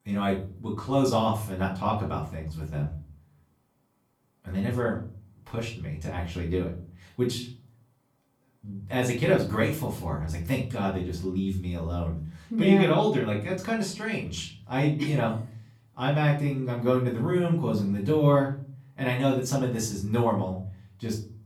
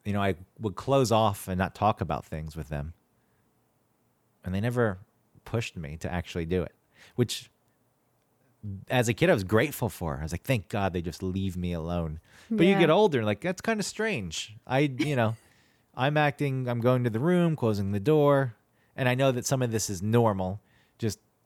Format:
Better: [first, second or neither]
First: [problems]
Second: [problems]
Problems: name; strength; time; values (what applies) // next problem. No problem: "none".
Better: second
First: room echo; slight; dies away in 0.4 s // off-mic speech; far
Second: none